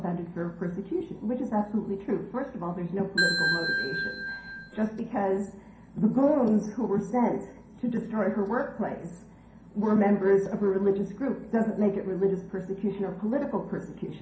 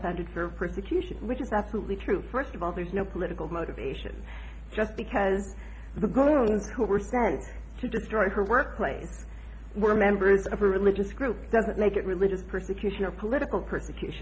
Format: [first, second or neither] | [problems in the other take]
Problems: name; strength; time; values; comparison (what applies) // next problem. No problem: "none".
second | background sound (Ringtone / Bell); 1 dB below the speech // room echo; dies away in 0.5 s